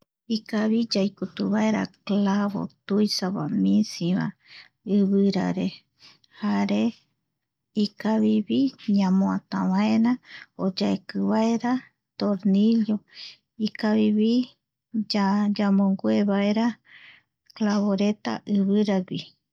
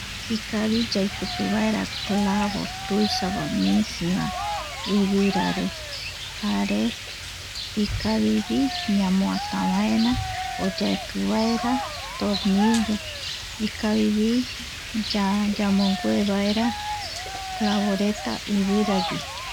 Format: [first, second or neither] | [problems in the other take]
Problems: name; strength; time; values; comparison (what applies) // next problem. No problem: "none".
first | background sound (Cheering + Rain); 7 dB below the speech